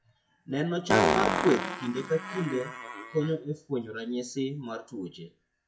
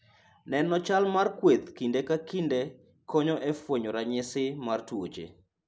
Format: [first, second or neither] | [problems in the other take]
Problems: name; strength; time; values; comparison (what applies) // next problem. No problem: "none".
second | noise reduction (classical method WPE with log-MMSE)